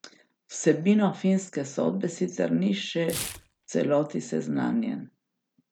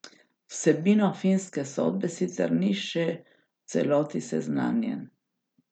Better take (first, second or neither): second